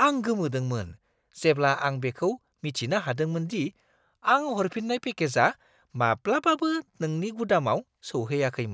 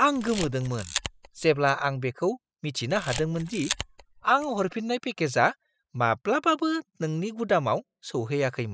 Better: first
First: none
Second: noise reduction (classical method spectral subtraction)

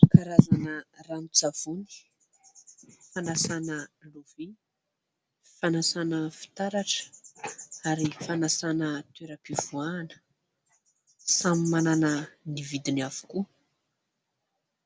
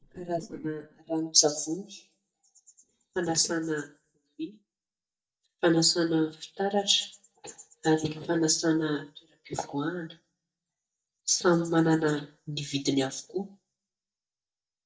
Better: first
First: none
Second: noise reduction (neural mask model DeepFilterNet 3)

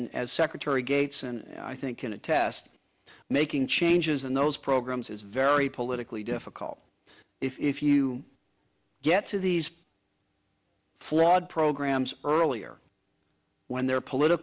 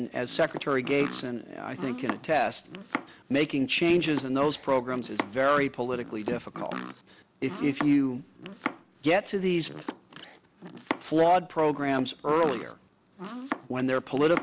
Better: first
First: none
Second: background sound (Domestic sounds, home sounds); 12 dB below the speech

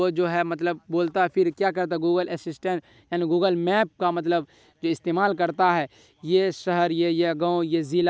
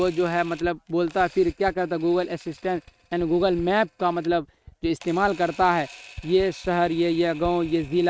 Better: first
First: none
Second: noise reduction (neural mask model RNNoise)

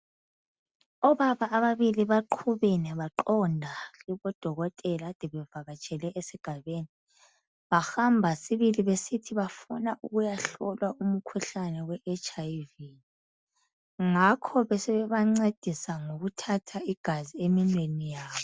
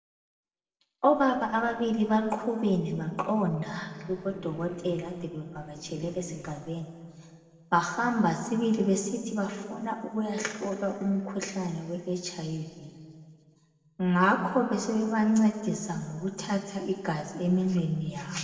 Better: first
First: none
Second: noise reduction (neural separator model SepFormer DNS4)

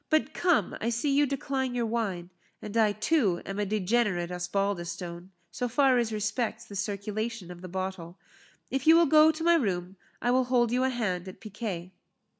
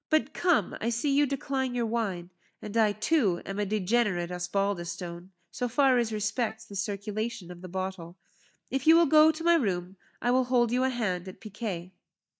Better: first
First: none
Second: noise reduction (neural mask model DeepFilterNet 3)

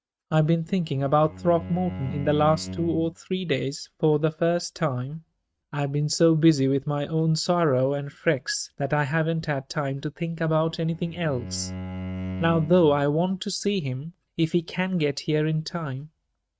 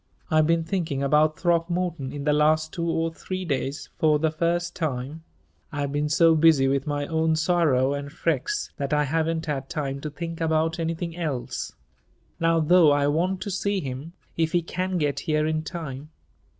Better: second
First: noise reduction (neural mask model RNNoise)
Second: none

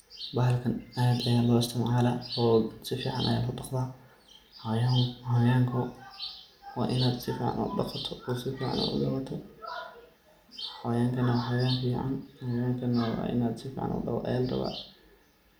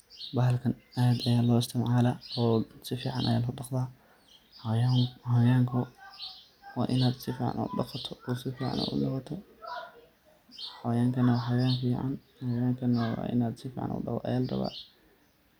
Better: second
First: room echo; dies away in 0.5 s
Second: none

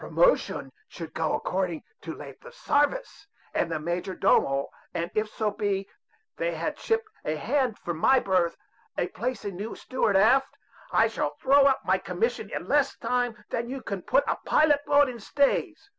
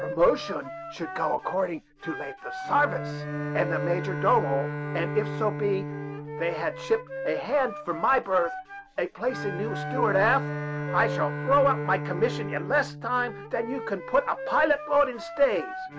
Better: first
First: none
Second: background sound (Wind instrument, woodwind instrument + Bowed string instrument); 6 dB below the speech

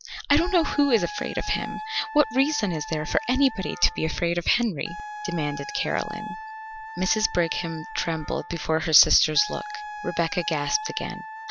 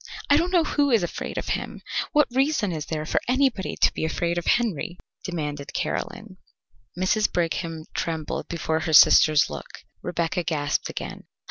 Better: second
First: background sound (Wind instrument, woodwind instrument); 12 dB below the speech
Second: none

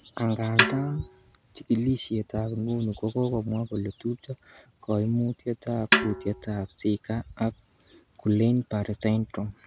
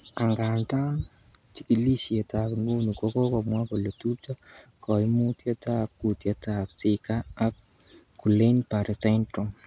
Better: second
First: background sound (Snare drum); 1 dB below the speech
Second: none

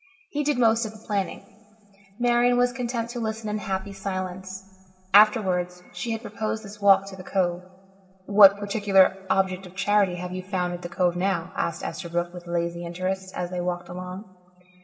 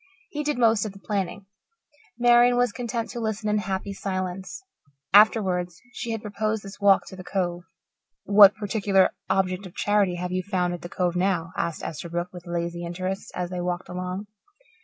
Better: second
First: room echo; dies away in 2.8 s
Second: none

